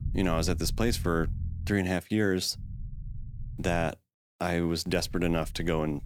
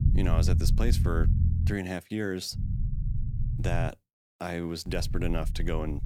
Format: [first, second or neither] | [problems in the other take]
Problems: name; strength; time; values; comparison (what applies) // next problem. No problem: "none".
first | low rumble; loud; until 1.5 s, from 2.5 to 4 s and from 5 s on; 9 dB below the speech; faint in the first